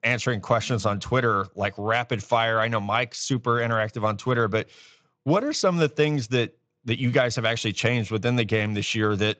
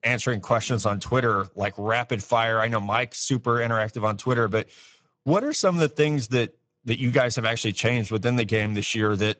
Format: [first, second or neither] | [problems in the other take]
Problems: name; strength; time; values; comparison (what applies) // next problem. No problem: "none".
first | garbled, watery; badly; nothing above 7.5 kHz; slightly in the first